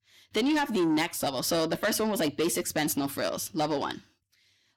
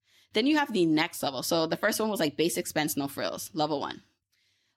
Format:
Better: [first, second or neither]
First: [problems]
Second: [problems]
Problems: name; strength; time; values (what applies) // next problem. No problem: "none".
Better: second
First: distortion; slight; 10 dB below the speech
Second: none